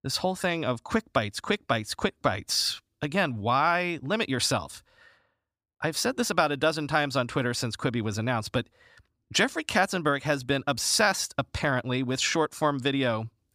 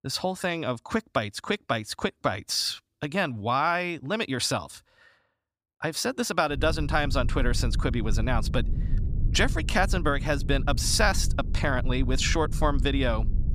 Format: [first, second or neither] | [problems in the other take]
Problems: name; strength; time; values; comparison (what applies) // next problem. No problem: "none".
first | low rumble; noticeable; from 6.5 s on; 20 dB below the speech